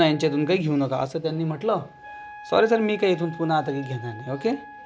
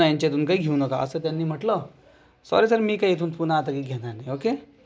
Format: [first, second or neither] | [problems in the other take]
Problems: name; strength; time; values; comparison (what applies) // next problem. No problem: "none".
second | background sound (Wind instrument, woodwind instrument); 19 dB below the speech